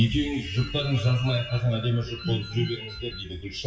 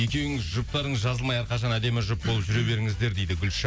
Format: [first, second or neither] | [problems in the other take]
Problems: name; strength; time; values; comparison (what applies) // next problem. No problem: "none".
second | noise reduction (classical method WPE with log-MMSE)